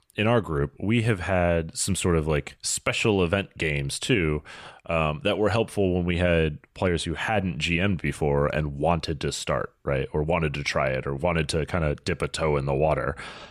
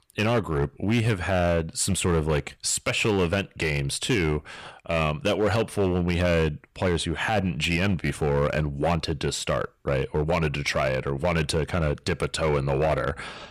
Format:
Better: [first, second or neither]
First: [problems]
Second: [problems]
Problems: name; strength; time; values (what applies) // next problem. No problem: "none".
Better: first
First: none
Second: distortion; slight; 7% of the sound clipped